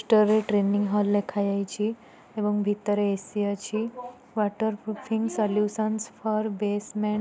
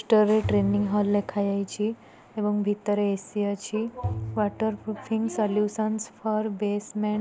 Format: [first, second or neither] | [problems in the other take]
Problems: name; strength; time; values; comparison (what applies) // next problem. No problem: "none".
first | background sound (Bowed string instrument); 13 dB below the speech